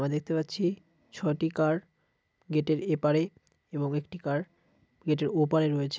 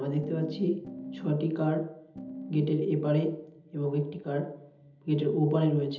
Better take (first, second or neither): first